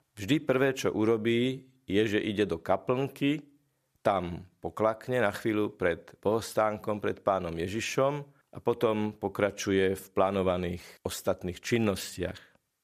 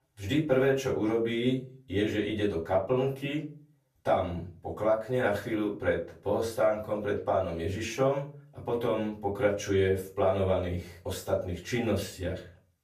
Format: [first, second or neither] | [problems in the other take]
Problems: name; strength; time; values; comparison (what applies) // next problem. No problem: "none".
first | off-mic speech; far // room echo; slight; dies away in 0.3 s